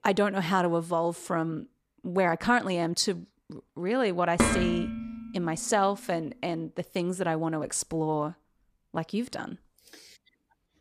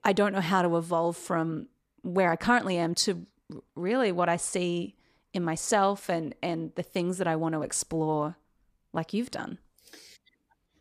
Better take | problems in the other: second | clattering dishes; loud; at 4.5 s; peak 3 dB above the speech

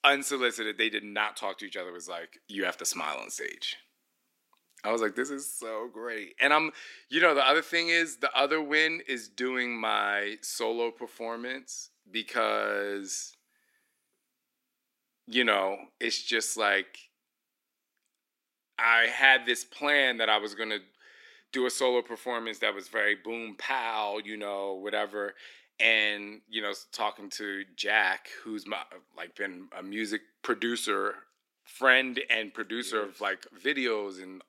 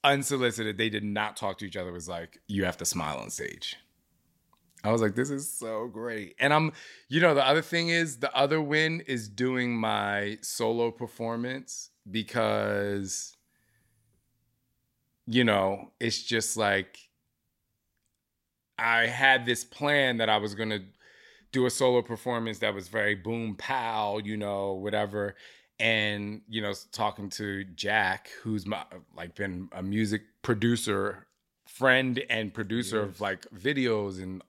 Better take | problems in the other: second | thin; somewhat; fading below 300 Hz

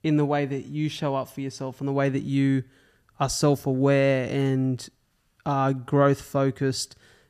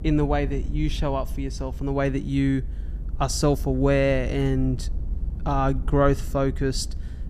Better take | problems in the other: first | low rumble; faint; throughout; 20 dB below the speech

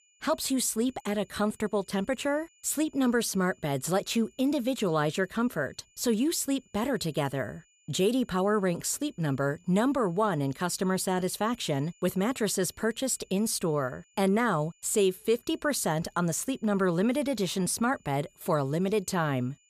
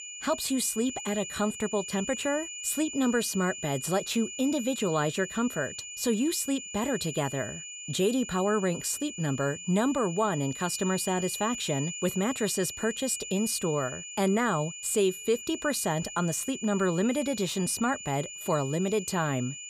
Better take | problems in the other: first | high-pitched whine; loud; throughout; 7 kHz, 9 dB below the speech; faint in the first

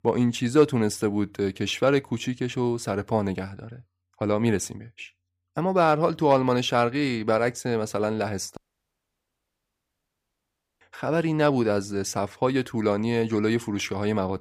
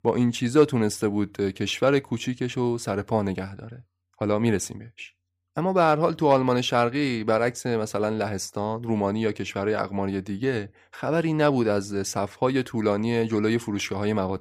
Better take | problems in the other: second | audio cutting out; at 8.5 s for 2 s

